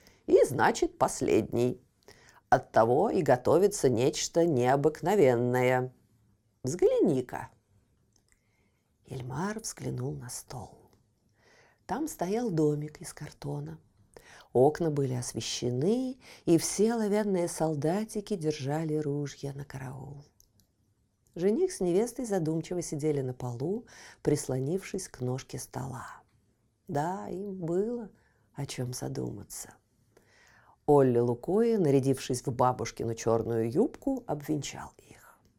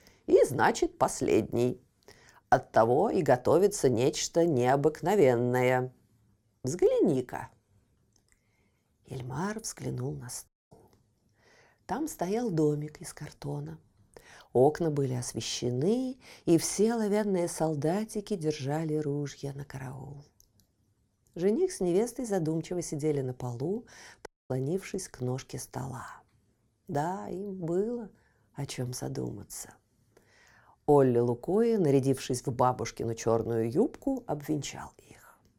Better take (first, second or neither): first